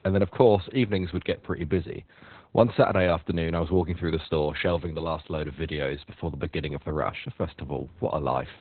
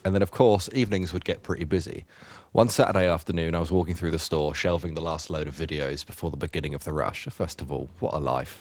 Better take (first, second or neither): second